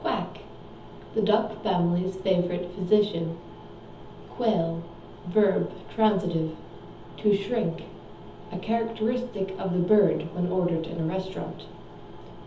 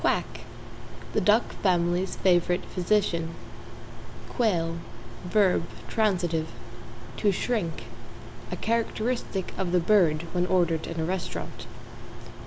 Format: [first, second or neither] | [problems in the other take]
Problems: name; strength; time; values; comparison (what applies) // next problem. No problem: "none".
second | room echo; dies away in 0.7 s